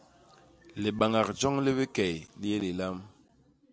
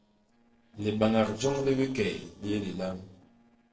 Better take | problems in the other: first | noise reduction (neural separator model SepFormer DNS4)

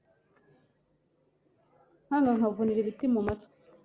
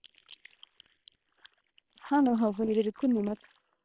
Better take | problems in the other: first | noise reduction (neural separator model SepFormer WHAM!)

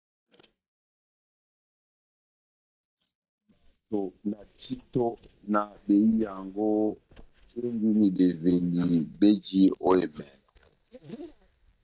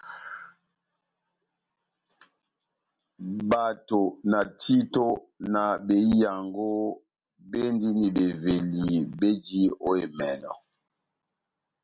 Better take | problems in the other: second | noise reduction (neural mask model DeepFilterNet 3)

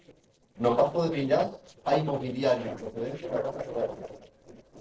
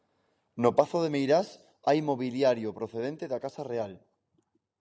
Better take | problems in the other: second | noise reduction (neural separator model SepFormer DNS4)

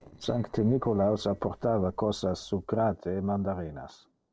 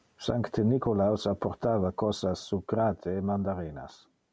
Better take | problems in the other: second | noise reduction (neural separator model SepFormer DNS4)

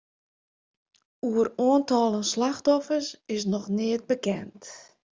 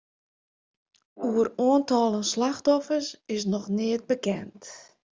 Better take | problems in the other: first | background sound (Brass instrument); 17 dB below the speech

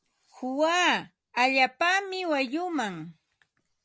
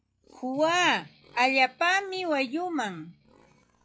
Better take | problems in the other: first | noise reduction (classical method log-MMSE)

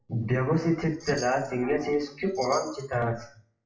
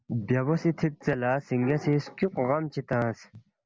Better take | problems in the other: second | noise reduction (classical method WPE with log-MMSE)

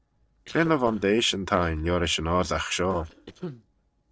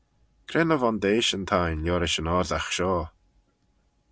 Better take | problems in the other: second | noise reduction (neural separator model SepFormer DNS4)

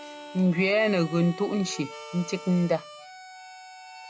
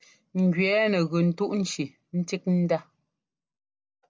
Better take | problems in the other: second | background sound (Harmonica); 15 dB below the speech

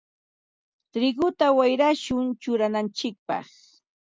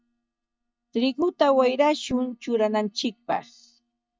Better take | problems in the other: first | noise reduction (neural mask model DeepFilterNet 3)

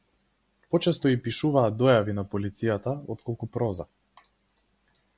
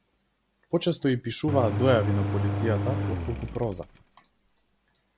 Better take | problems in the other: first | background sound (Engine); 1 dB below the speech

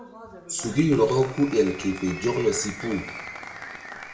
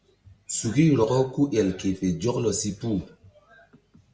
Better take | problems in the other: second | background sound (Applause); 14 dB below the speech // room echo; dies away in 0.6 s

